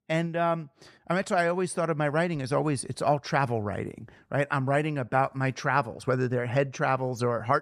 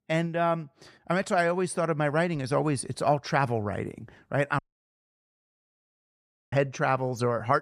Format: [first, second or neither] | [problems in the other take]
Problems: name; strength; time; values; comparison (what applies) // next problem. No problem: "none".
first | audio cutting out; at 4.5 s for 2 s